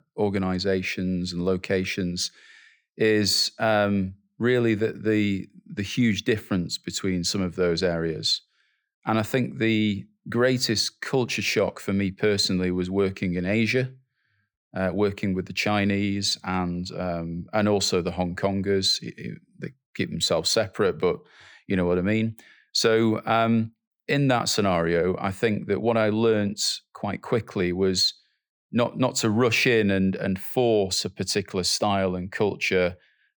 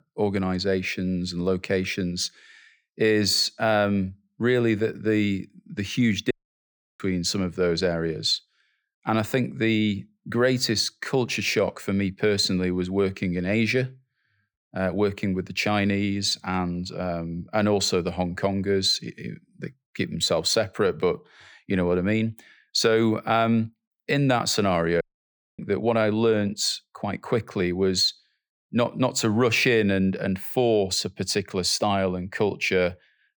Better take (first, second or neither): first